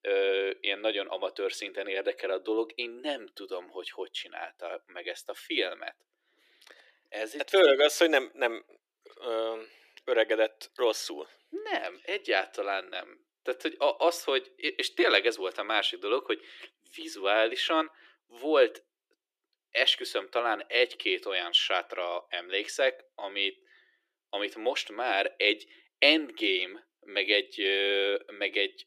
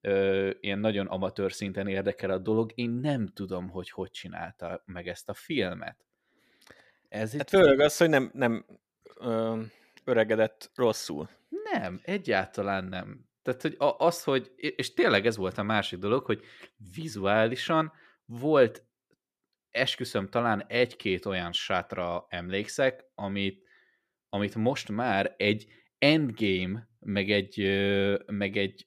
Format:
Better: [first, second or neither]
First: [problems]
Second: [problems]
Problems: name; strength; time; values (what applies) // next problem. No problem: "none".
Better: second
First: thin; very; fading below 300 Hz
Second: none